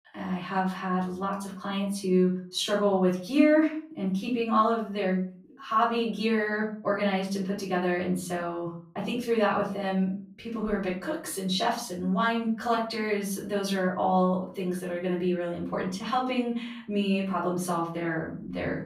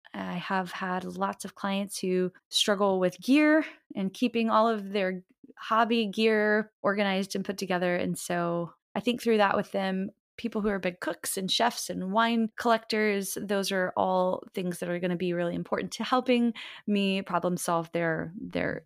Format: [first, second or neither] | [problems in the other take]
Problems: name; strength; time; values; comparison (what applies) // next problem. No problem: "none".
second | off-mic speech; far // room echo; slight; dies away in 0.4 s